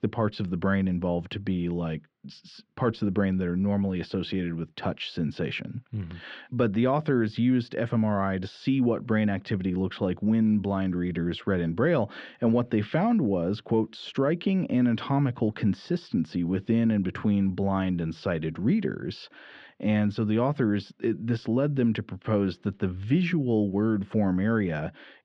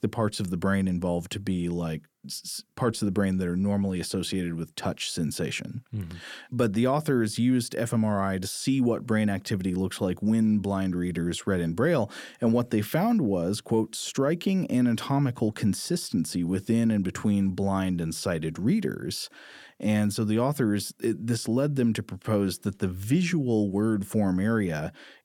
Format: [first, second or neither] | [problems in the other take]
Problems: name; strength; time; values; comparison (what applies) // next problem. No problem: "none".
second | muffled; slightly; fading above 3.5 kHz